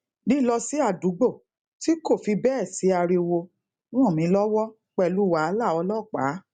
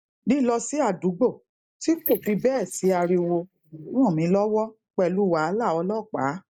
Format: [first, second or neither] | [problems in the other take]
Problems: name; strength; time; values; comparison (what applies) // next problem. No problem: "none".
first | noise reduction (neural mask model Resemble Enhance denoiser)